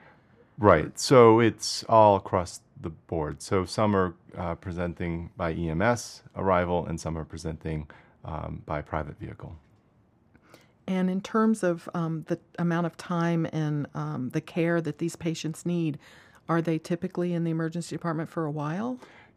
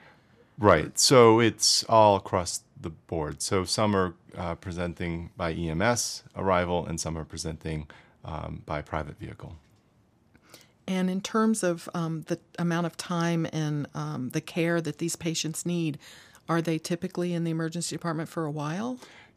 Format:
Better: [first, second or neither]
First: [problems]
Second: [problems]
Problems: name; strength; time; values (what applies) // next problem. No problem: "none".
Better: second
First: muffled; slightly; fading above 2.5 kHz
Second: none